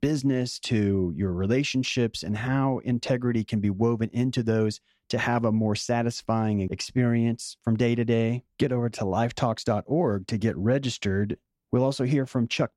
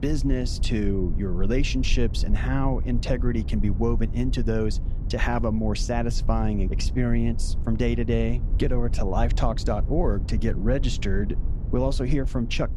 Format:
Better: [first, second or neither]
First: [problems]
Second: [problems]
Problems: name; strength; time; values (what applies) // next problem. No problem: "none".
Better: first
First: none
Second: low rumble; noticeable; throughout; 15 dB below the speech